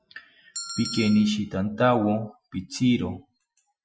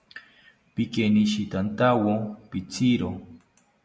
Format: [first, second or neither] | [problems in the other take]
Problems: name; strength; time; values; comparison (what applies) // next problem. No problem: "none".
second | noise reduction (classical method Wiener filter)